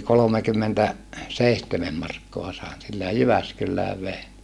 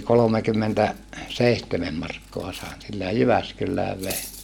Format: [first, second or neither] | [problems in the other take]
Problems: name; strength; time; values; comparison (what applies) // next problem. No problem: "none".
first | background sound (Cutlery, silverware); 19 dB below the speech